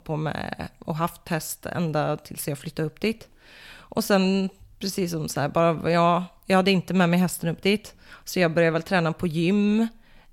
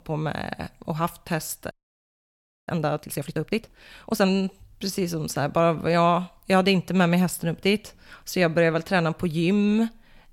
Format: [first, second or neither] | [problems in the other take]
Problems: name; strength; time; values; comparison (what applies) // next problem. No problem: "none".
first | audio freezing; at 1.5 s for 1 s